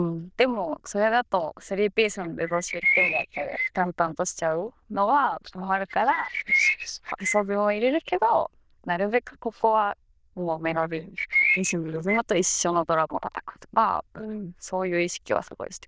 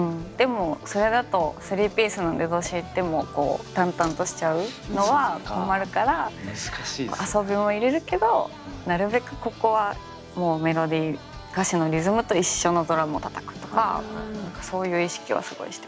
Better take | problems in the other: second | noise reduction (neural diffusion model UNIVERSE++)

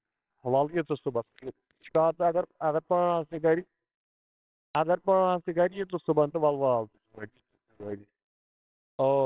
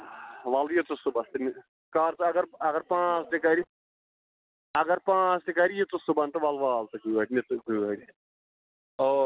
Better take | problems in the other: second | noise reduction (neural separator model SepFormer WHAMR!)

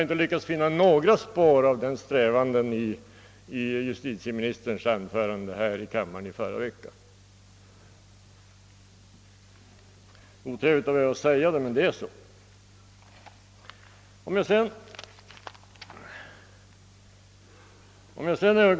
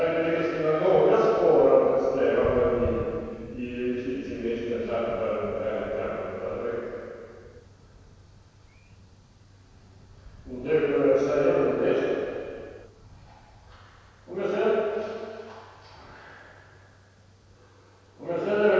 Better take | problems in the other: first | background sound (Thunder); 20 dB below the speech // room echo; dies away in 2.2 s

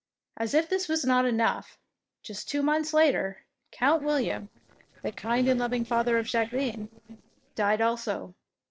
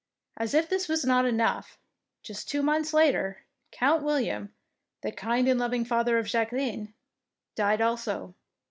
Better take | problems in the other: second | noise reduction (neural separator model SepFormer DNS4)

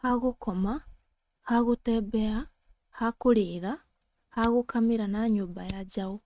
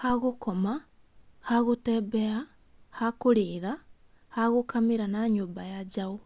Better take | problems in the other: second | noise reduction (neural mask model RNNoise)

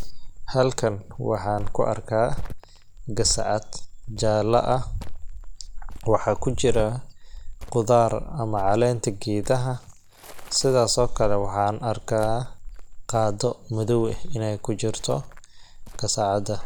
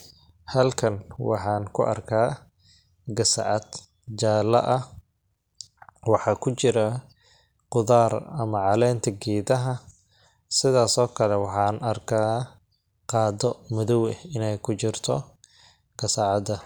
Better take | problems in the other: second | background sound (Cricket); 5 dB below the speech

